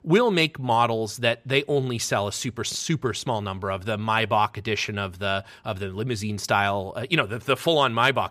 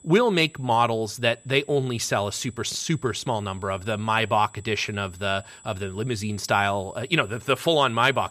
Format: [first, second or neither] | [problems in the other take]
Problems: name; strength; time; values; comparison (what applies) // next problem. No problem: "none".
first | high-pitched whine; faint; throughout; 8 kHz, 25 dB below the speech